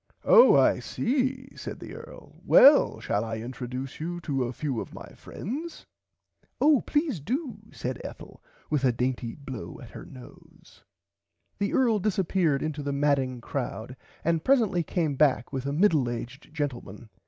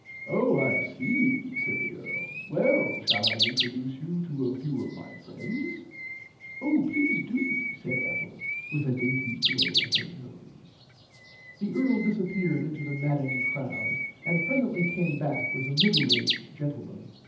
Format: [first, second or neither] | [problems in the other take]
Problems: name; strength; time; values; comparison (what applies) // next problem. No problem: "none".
first | background sound (Bird); 2 dB below the speech // room echo; dies away in 0.8 s